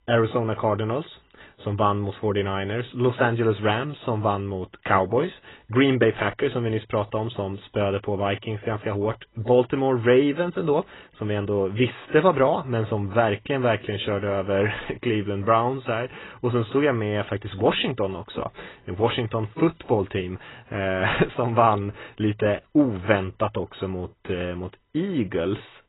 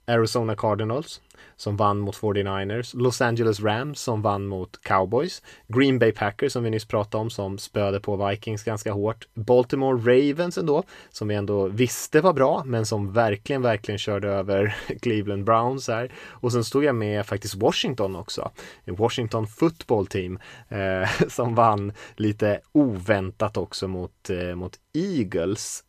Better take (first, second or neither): second